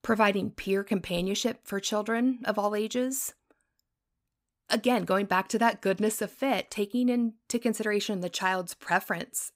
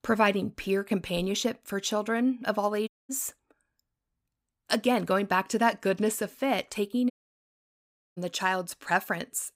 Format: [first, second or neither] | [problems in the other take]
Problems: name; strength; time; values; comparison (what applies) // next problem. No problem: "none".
first | audio cutting out; at 3 s and at 7 s for 1 s